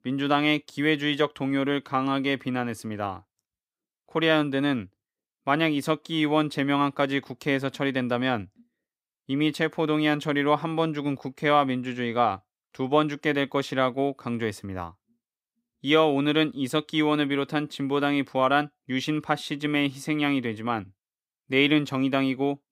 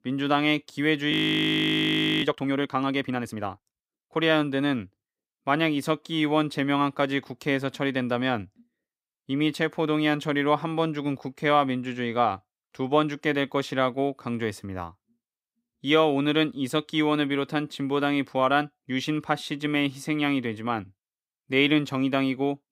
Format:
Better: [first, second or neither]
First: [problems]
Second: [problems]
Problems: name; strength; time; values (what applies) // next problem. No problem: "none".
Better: first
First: none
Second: audio freezing; at 1 s for 1 s